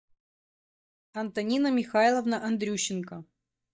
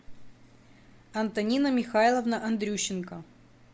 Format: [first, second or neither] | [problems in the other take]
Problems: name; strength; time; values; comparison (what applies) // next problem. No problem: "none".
second | noise reduction (neural mask model DeepFilterNet 3)